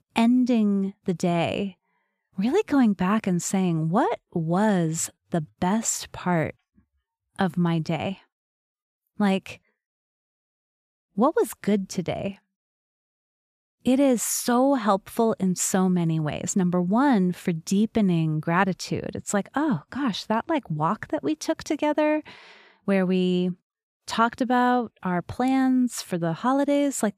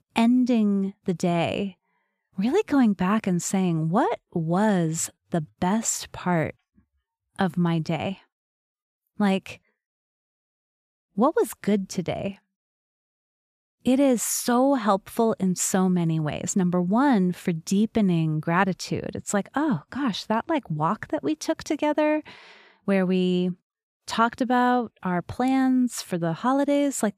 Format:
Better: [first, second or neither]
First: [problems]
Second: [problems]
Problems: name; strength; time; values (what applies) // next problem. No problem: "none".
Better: neither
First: none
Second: none